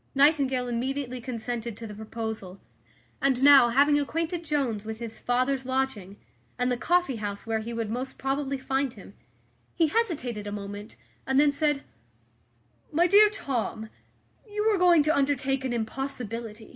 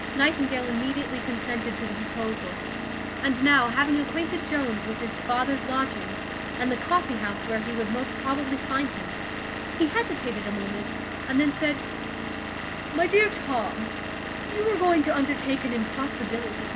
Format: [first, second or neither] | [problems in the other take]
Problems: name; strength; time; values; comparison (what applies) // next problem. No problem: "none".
first | background sound (Engine / Vehicle); 5 dB below the speech